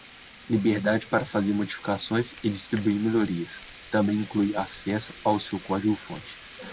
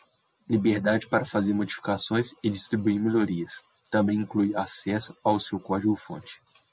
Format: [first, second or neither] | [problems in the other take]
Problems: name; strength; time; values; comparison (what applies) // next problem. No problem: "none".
second | background sound (Frying (food)); 19 dB below the speech